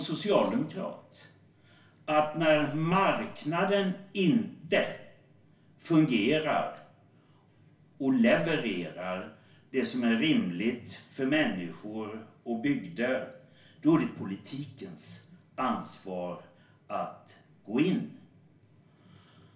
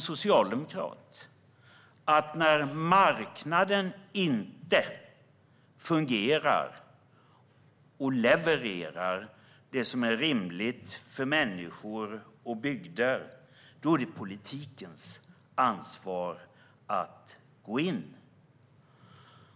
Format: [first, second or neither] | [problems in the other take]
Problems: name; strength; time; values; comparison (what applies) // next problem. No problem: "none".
second | room echo; dies away in 0.3 s